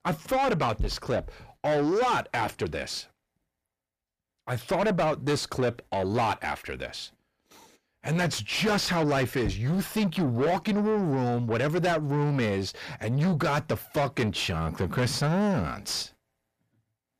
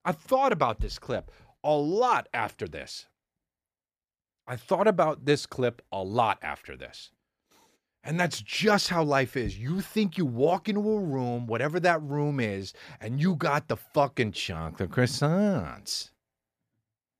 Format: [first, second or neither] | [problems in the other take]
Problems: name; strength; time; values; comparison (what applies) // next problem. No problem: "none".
second | distortion; heavy; 6 dB below the speech